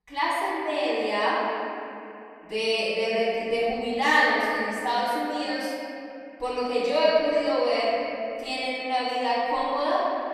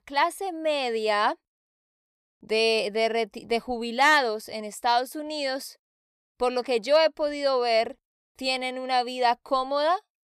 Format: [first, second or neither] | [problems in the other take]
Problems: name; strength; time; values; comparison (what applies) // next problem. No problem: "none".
second | room echo; strong; dies away in 2.8 s // off-mic speech; far